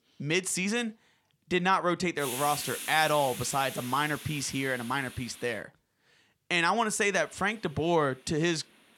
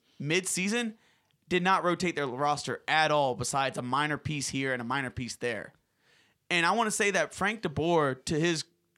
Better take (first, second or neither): second